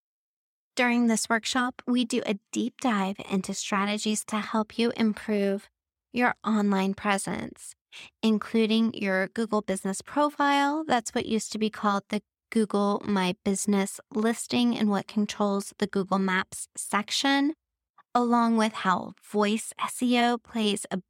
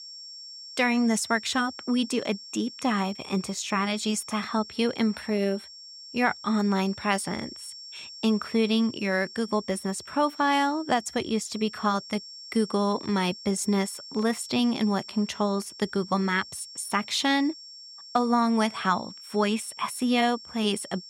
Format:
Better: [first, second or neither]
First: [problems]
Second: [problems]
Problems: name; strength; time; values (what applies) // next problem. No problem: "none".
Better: first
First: none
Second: high-pitched whine; noticeable; throughout; 5.5 kHz, 15 dB below the speech